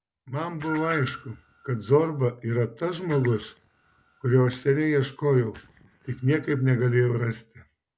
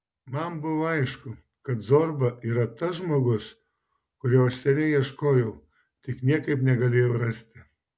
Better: second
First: noise reduction (neural mask model Resemble Enhance denoiser)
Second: none

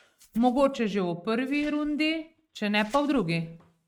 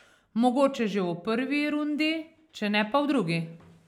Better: second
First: noise reduction (neural mask model RNNoise)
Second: none

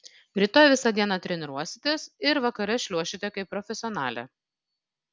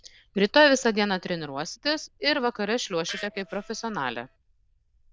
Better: first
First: none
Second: noise reduction (neural diffusion model UNIVERSE++)

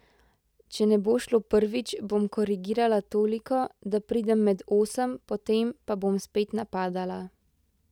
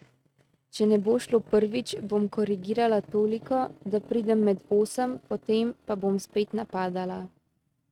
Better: first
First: none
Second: noise reduction (neural mask model RNNoise)

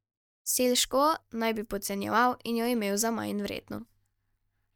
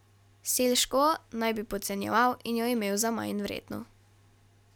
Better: second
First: noise reduction (neural mask model DeepFilterNet 3)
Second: none

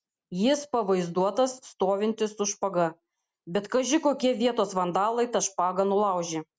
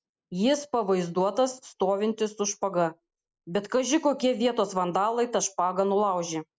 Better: first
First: none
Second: noise reduction (neural mask model Resemble Enhance denoiser)

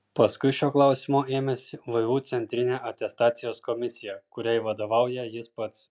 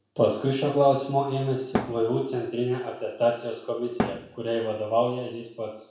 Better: first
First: none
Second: background sound (Thump, thud); 4 dB below the speech // room echo; dies away in 0.6 s

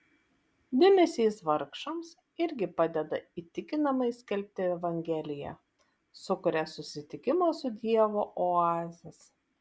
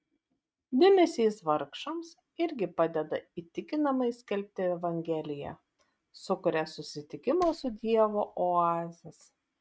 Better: first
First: none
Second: noise reduction (neural mask model RNNoise)

